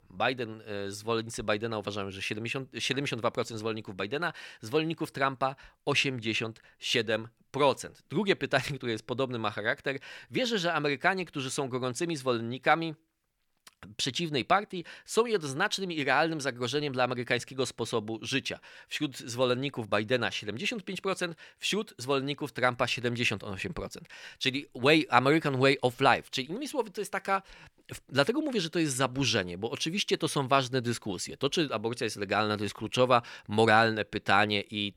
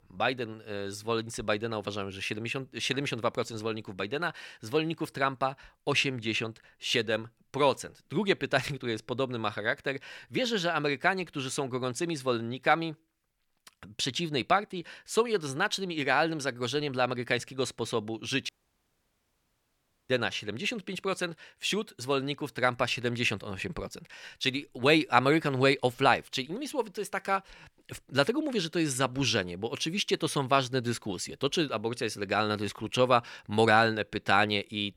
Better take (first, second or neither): first